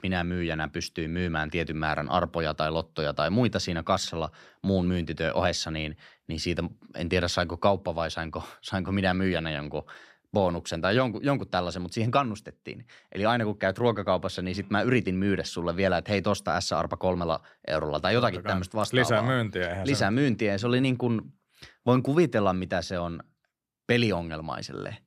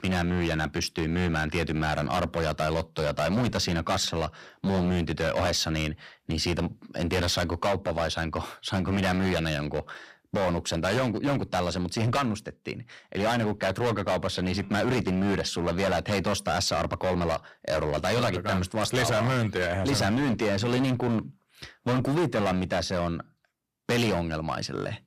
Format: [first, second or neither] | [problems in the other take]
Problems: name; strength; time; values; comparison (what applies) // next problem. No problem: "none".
first | distortion; heavy; 16% of the sound clipped